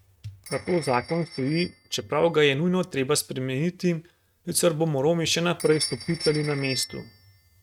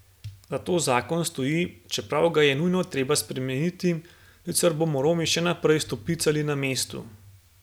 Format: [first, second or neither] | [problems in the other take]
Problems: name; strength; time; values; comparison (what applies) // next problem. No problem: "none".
second | noise reduction (neural mask model RNNoise)